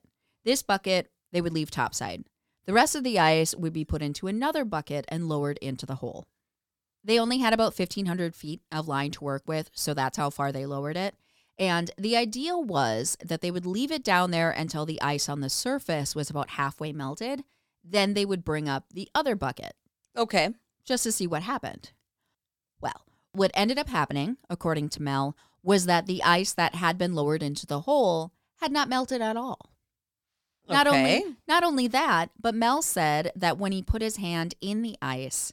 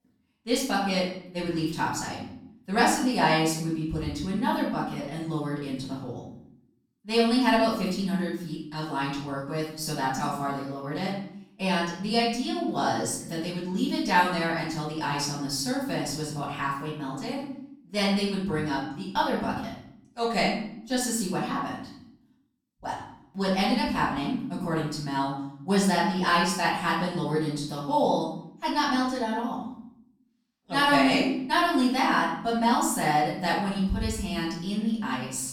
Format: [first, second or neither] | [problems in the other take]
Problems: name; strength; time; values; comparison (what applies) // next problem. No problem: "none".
first | room echo; noticeable; dies away in 0.7 s // off-mic speech; far